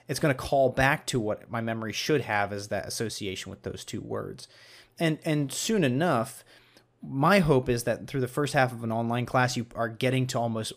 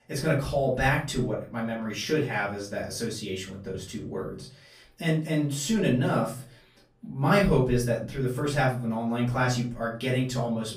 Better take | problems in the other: first | off-mic speech; far // room echo; slight; dies away in 0.3 s

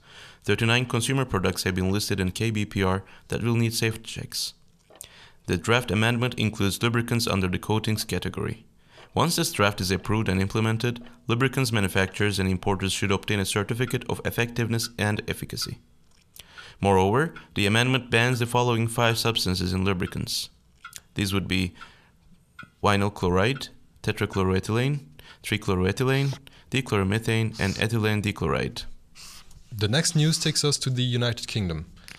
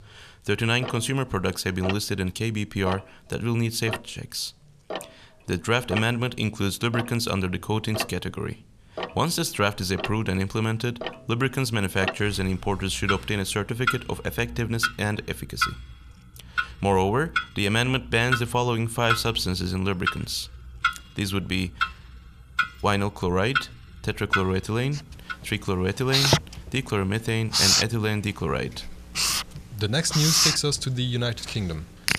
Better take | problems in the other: first | household noises; loud; throughout; 1 dB below the speech; faint in the first

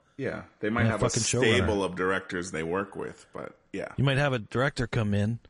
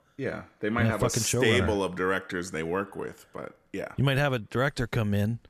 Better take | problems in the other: second | garbled, watery; slightly; nothing above 10.5 kHz

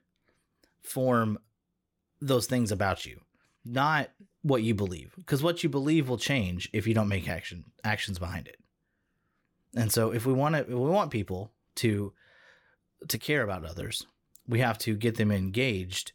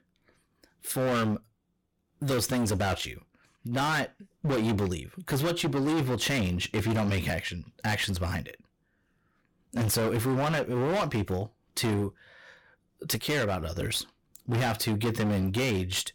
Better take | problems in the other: first | distortion; heavy; 20% of the sound clipped

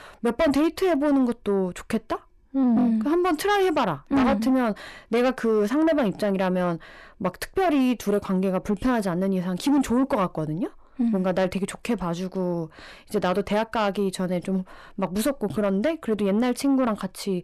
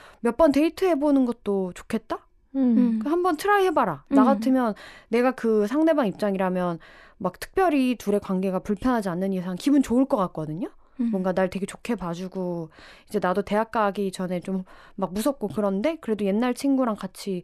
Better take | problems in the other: second | distortion; slight; 10 dB below the speech

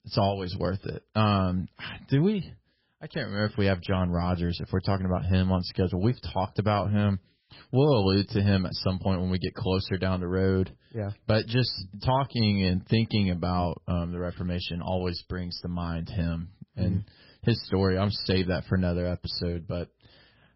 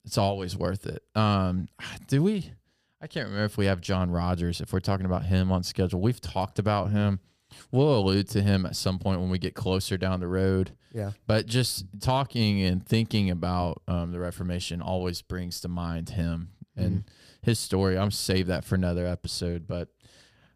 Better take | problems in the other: second | garbled, watery; badly; nothing above 5 kHz

